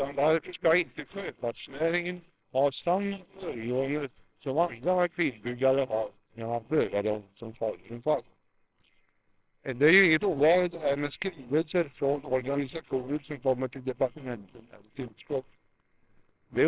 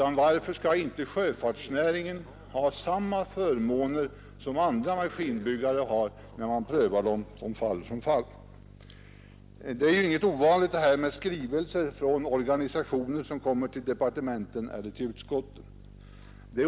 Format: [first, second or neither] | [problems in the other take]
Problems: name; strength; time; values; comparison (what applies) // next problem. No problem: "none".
second | noise reduction (neural separator model SepFormer WHAMR!)